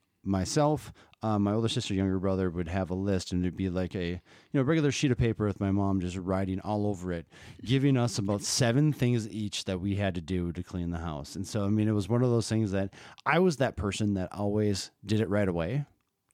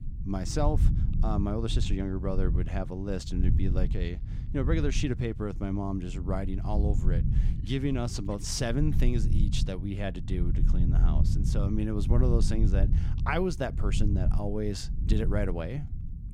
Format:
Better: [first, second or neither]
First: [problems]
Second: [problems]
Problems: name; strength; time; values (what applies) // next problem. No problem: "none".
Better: first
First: none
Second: low rumble; loud; throughout; 10 dB below the speech